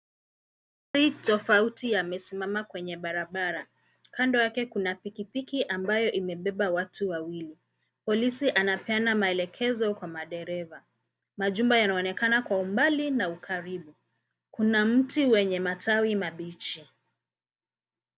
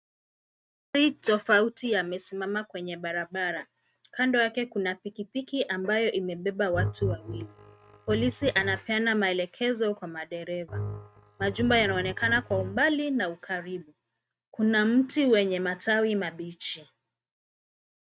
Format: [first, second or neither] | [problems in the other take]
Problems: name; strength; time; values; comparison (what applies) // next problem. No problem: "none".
first | noise reduction (neural mask model RNNoise)